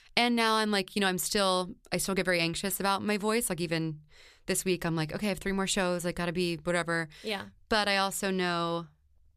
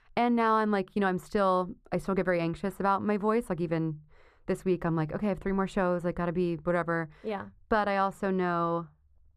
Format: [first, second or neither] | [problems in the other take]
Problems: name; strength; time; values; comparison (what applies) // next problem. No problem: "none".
first | muffled; very; fading above 2 kHz